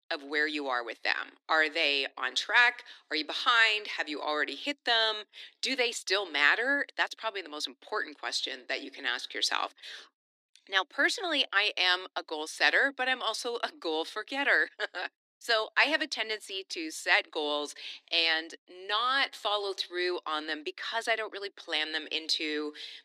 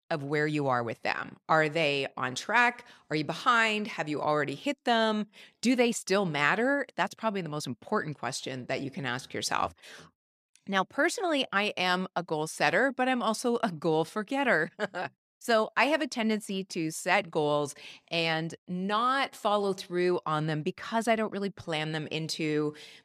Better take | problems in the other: second | thin; somewhat; fading below 300 Hz

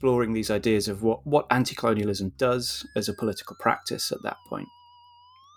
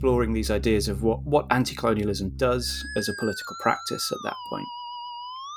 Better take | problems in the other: first | background music; loud; throughout; 10 dB below the speech; faint in the first

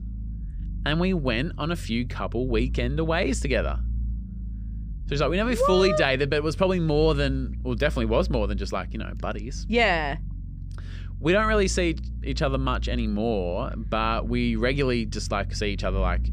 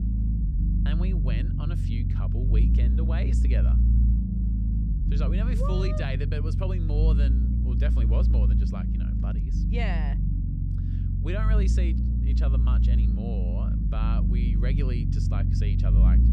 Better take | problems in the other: first | low rumble; loud; throughout; 1 dB below the speech; faint in the first

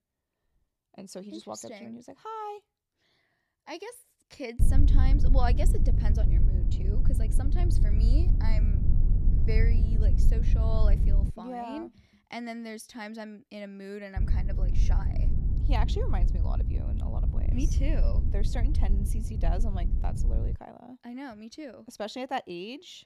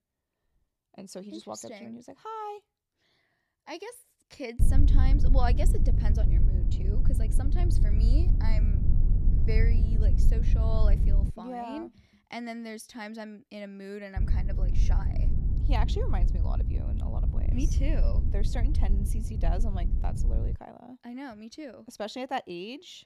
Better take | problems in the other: neither | low rumble; loud; from 4.5 to 11 s and from 14 to 21 s; 5 dB below the speech; the same in both

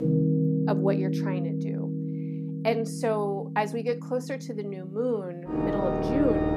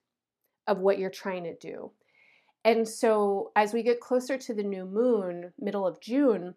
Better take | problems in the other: second | background music; very loud; throughout; 1 dB above the speech

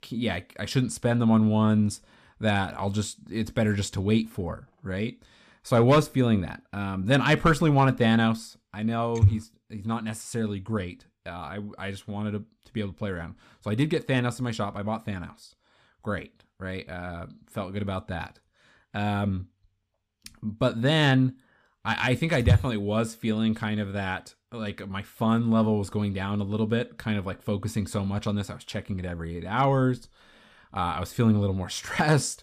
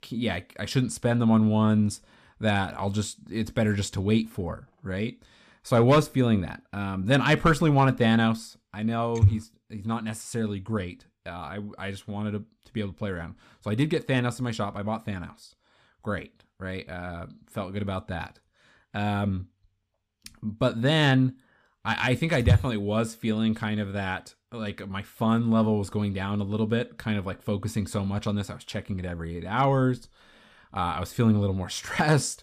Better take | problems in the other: neither | none

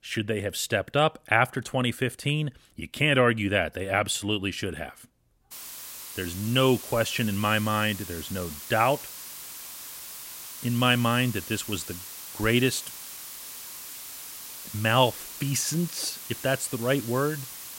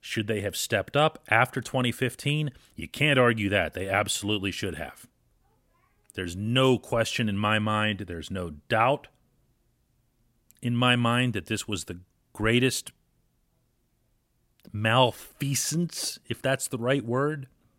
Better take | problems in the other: second | hiss; noticeable; from 5.5 s on; 10 dB below the speech

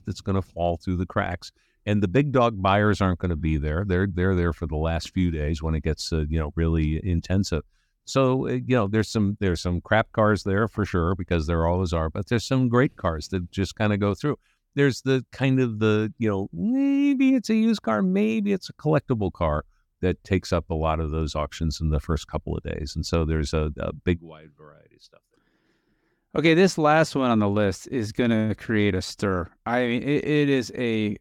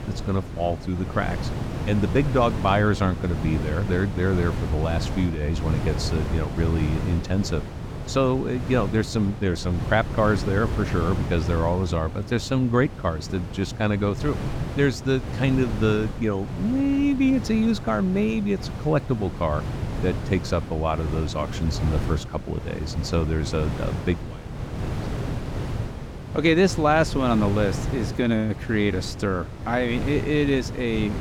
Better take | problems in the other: first | wind noise on the microphone; occasional gusts; 10 dB below the speech

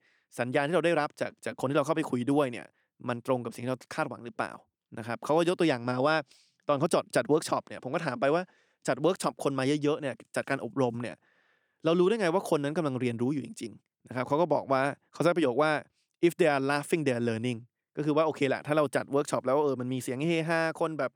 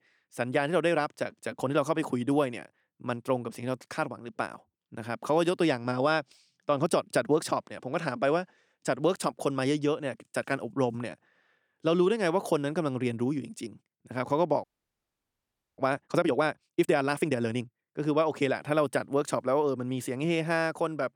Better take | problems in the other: first | audio freezing; at 15 s for 1 s

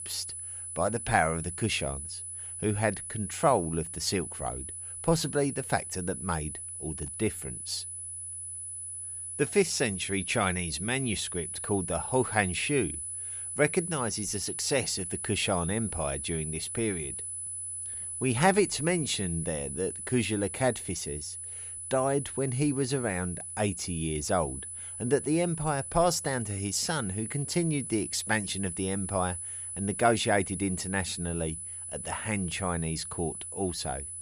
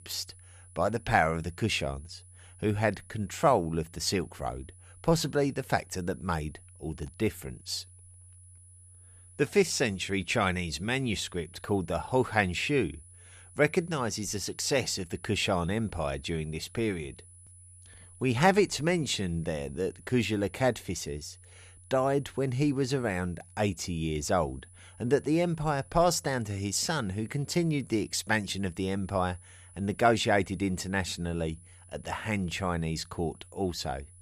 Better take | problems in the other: second | high-pitched whine; loud; throughout; 10 kHz, 6 dB below the speech; faint in the second

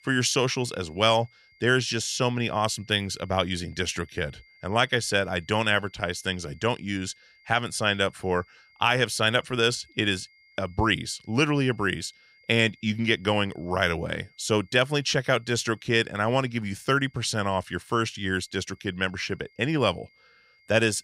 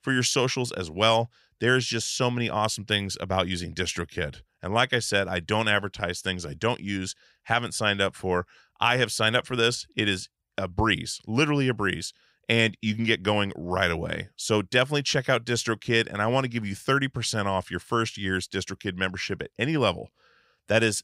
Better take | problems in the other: second | high-pitched whine; faint; throughout; 2 kHz, 30 dB below the speech

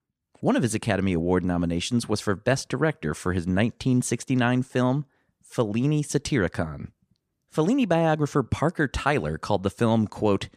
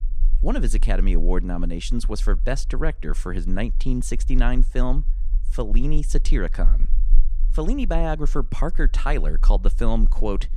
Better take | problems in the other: first | low rumble; faint; throughout; 20 dB below the speech

